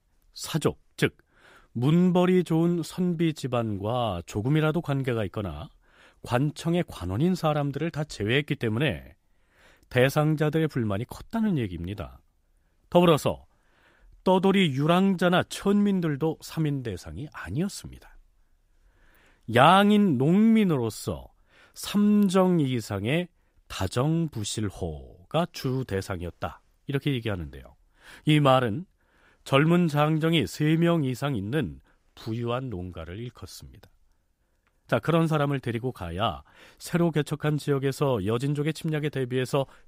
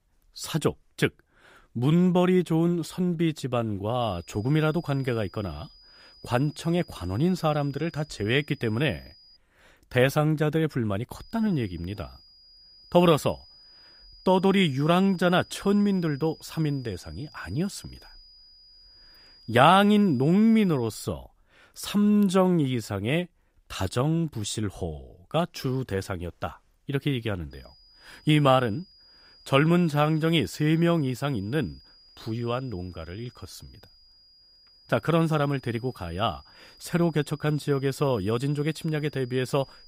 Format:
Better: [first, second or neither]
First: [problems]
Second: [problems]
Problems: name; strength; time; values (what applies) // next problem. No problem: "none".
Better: first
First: none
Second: high-pitched whine; faint; from 4 to 9.5 s, from 11 to 21 s and from 28 s on; 5 kHz, 25 dB below the speech